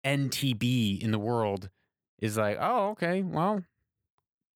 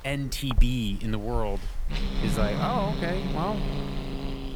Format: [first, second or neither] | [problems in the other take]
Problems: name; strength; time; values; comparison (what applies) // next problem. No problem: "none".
first | hiss; loud; throughout; 1 dB below the speech